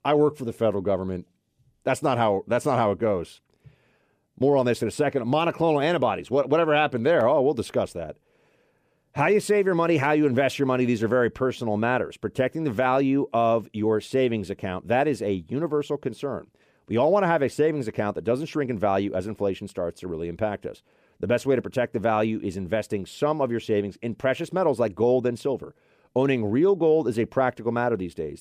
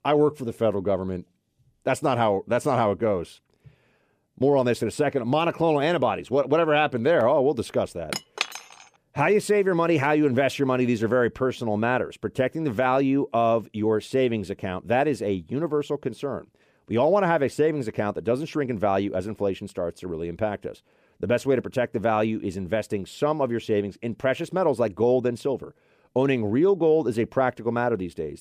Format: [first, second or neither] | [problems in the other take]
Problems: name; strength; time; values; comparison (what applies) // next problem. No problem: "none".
first | clattering dishes; noticeable; at 8 s; peak 4 dB below the speech